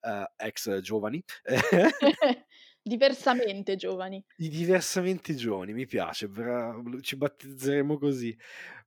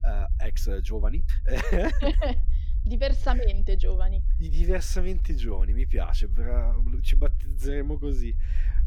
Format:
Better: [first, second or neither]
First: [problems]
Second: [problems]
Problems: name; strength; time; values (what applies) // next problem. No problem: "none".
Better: first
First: none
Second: low rumble; noticeable; throughout; 15 dB below the speech